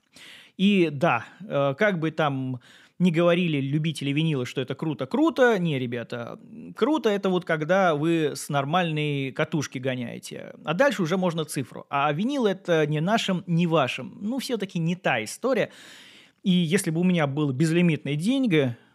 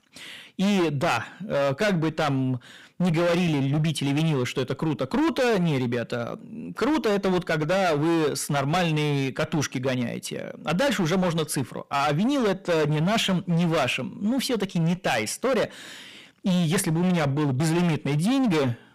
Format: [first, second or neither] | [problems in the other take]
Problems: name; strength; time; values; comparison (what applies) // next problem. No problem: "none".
first | distortion; heavy; 23% of the sound clipped